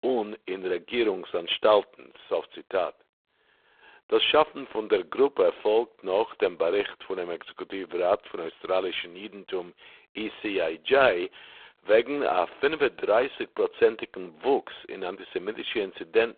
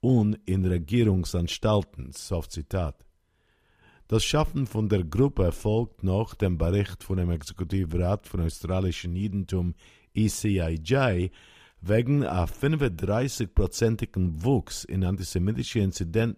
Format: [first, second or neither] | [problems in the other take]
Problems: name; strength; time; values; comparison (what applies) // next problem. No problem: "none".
second | phone-call audio; poor line